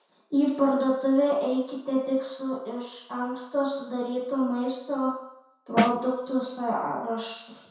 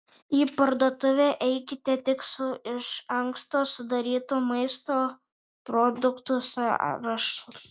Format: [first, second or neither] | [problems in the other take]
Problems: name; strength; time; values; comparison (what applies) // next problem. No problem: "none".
second | background sound (Snare drum); 3 dB below the speech // room echo; dies away in 0.7 s